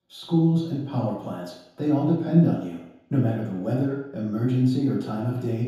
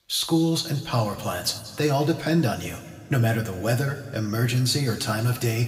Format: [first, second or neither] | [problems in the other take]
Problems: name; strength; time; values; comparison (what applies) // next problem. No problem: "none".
second | room echo; strong; dies away in 0.8 s; slight in the second // off-mic speech; far